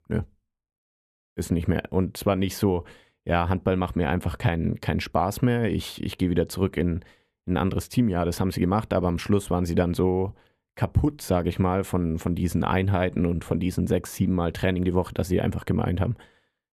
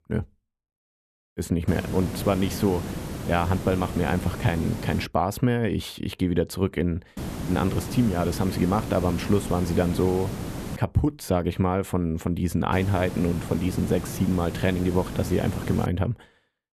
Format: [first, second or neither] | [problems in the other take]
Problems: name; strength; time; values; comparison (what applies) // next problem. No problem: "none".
first | hiss; loud; from 1.5 to 5 s, from 7 to 11 s and from 13 to 16 s; 8 dB below the speech